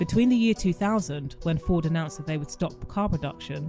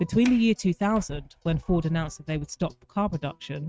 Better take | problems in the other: first | noise reduction (neural mask model RNNoise)

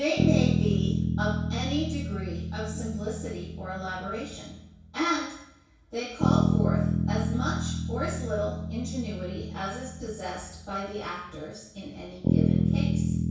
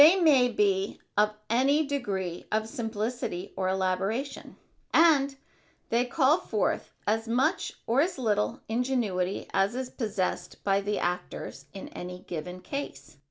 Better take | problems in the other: second | background sound (Bass guitar); 5 dB above the speech // room echo; dies away in 0.6 s

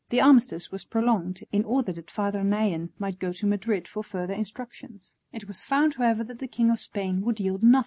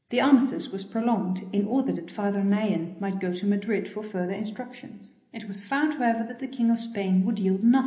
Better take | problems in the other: first | room echo; dies away in 0.8 s

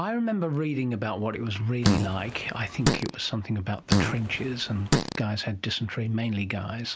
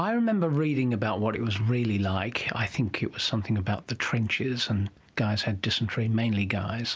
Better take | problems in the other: second | background sound (Fart); 1 dB above the speech

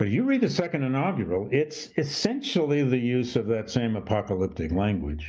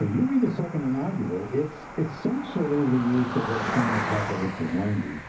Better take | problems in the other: first | background sound (Cricket); 8 dB below the speech // room echo; dies away in 0.4 s

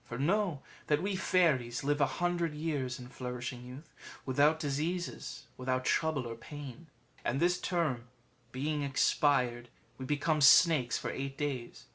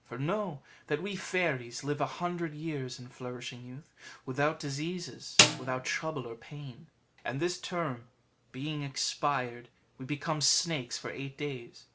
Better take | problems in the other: first | background sound (Snare drum); 5 dB above the speech

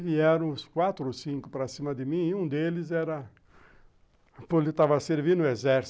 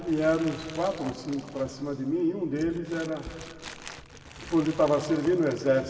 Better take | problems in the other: first | background sound (Crumpling, crinkling); 17 dB below the speech // room echo; dies away in 2.4 s

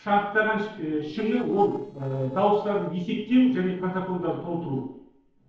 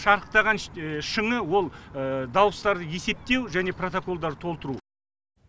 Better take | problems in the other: second | noise reduction (neural separator model SepFormer DNS4)

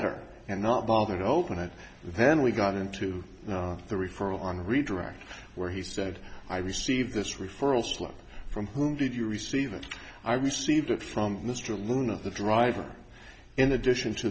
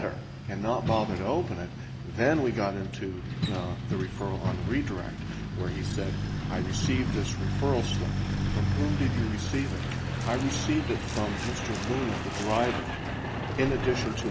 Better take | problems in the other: first | background sound (Truck); as loud as the speech

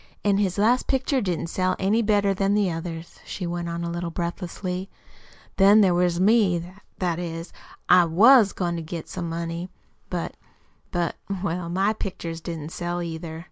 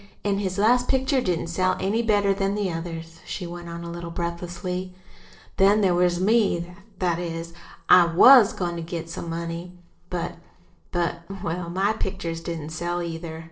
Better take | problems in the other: first | noise reduction (neural separator model SepFormer DNS4)

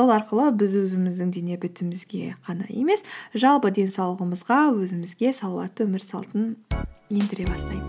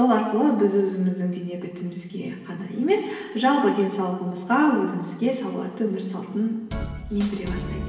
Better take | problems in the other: first | room echo; dies away in 1.2 s

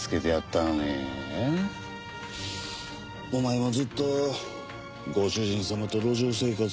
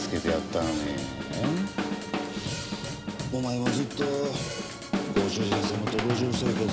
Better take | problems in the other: first | background sound (Drum / Drum kit); 1 dB below the speech

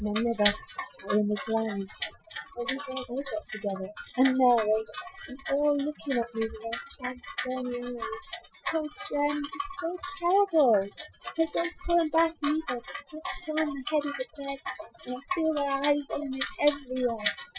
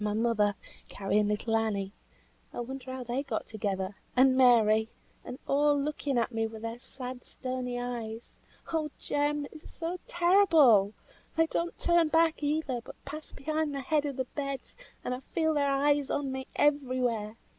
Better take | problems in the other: second | noise reduction (classical method Wiener filter)

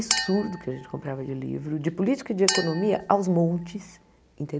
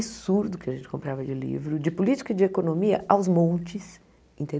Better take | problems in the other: second | background sound (Chink, clink); 7 dB below the speech

